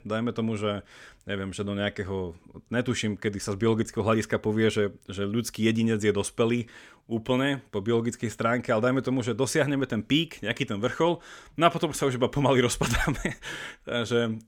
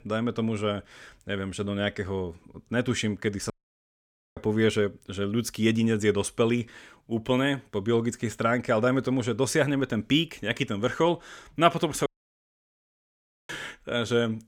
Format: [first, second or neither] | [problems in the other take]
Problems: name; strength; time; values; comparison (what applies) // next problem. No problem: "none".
first | audio cutting out; at 3.5 s for 1 s and at 12 s for 1.5 s